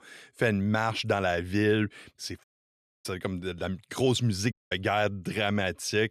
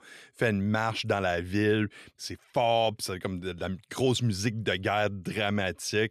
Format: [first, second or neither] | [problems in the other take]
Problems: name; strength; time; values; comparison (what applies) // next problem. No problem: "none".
second | audio cutting out; at 2.5 s for 0.5 s and at 4.5 s